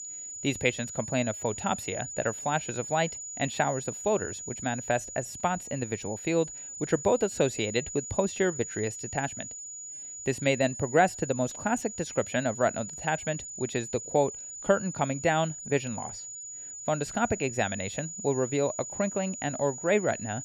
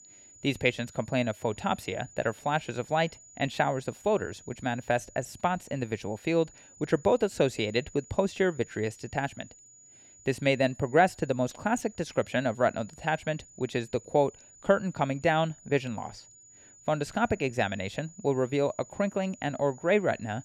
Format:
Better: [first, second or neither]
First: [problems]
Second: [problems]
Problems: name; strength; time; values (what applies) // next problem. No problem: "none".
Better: second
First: high-pitched whine; loud; throughout; 7 kHz, 8 dB below the speech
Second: high-pitched whine; faint; throughout; 7 kHz, 20 dB below the speech